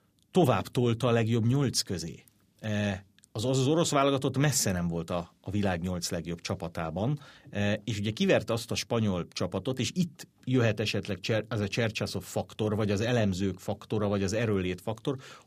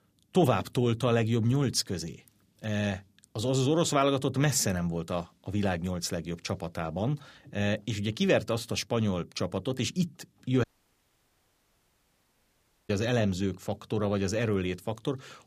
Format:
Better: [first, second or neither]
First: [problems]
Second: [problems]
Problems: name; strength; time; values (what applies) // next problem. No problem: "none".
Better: first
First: none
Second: audio cutting out; at 11 s for 2.5 s